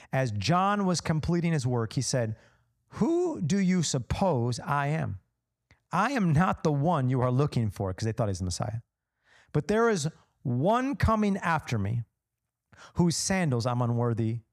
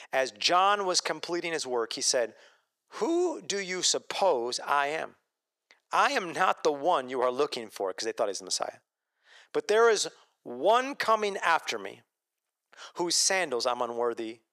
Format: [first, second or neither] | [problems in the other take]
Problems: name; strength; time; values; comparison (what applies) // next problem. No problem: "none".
first | thin; very; fading below 400 Hz